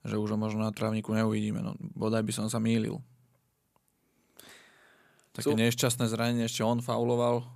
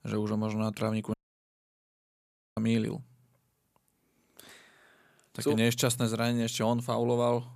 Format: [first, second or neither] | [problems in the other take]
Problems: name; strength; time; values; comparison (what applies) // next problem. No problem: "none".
first | audio cutting out; at 1 s for 1.5 s